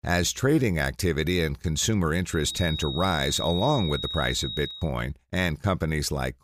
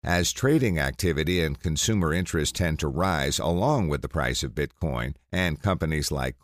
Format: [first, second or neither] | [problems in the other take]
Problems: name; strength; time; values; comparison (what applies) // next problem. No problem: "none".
second | high-pitched whine; loud; from 2.5 to 4.5 s; 4 kHz, 6 dB below the speech